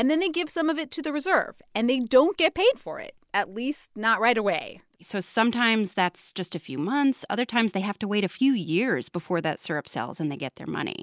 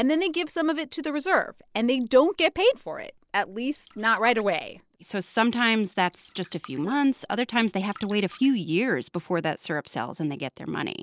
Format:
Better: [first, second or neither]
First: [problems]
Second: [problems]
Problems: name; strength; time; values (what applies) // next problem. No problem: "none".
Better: first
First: none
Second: noise reduction (neural separator model SepFormer DNS4)